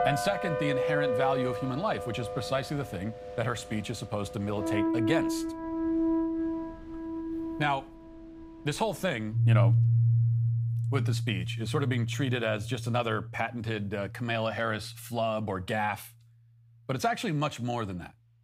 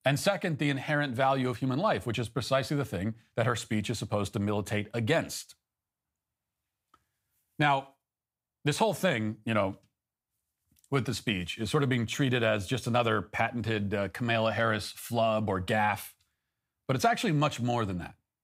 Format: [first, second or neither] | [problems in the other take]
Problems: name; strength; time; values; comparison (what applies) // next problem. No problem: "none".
second | background music; very loud; throughout; 2 dB above the speech